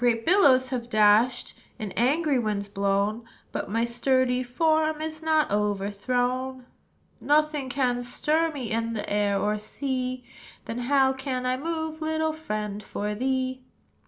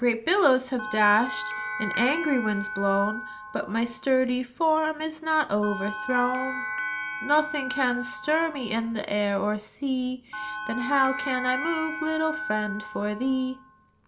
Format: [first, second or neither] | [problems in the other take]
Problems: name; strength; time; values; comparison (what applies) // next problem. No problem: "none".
first | background sound (Bell); 8 dB below the speech